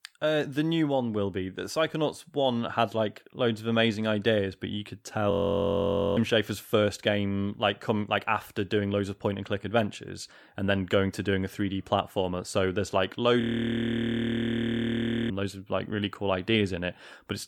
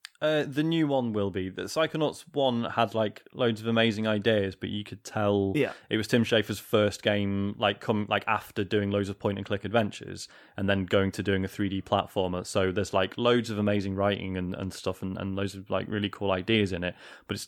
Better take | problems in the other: second | audio freezing; at 5.5 s for 1 s and at 13 s for 2 s

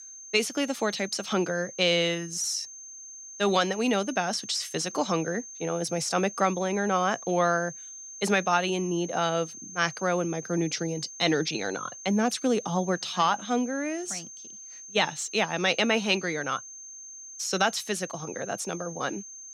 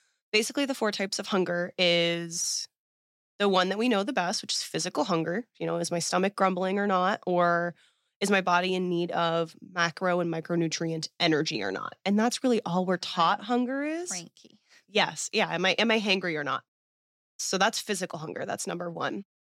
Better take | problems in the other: second | high-pitched whine; noticeable; throughout; 6.5 kHz, 15 dB below the speech

